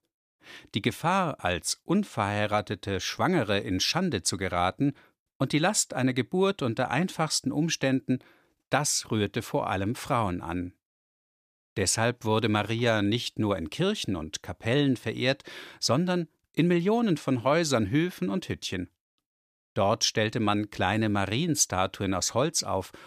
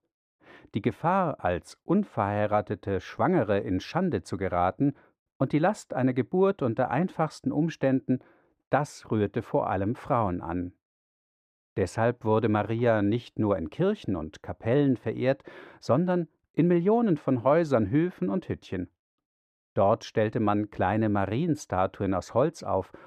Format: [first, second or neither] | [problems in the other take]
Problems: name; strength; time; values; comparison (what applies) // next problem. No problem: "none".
first | muffled; very; fading above 2.5 kHz